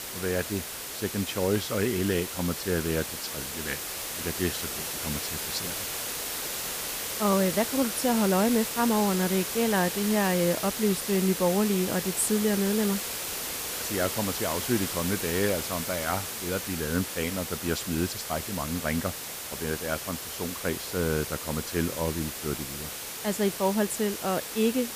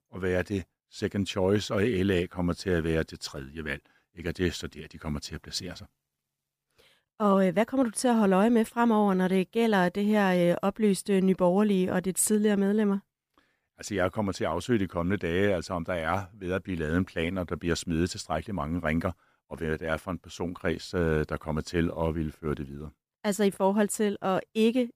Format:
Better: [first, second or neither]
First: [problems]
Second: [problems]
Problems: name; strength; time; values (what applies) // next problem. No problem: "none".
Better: second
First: hiss; loud; throughout; 3 dB below the speech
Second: none